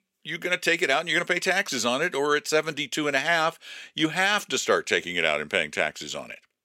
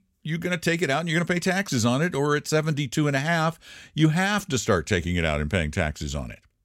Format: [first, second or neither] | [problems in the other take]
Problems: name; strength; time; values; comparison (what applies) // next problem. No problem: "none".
second | thin; somewhat; fading below 400 Hz